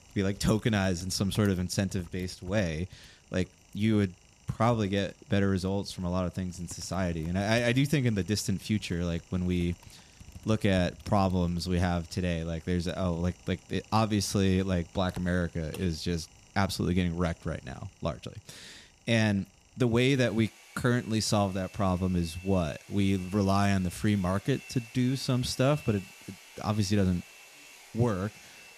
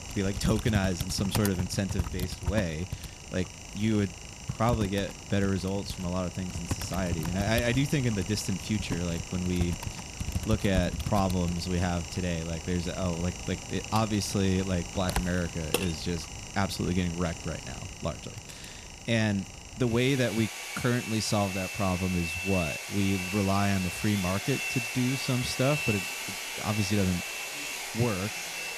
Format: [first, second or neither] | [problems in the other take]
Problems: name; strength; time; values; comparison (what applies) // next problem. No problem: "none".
first | household noises; loud; throughout; 5 dB below the speech; faint in the first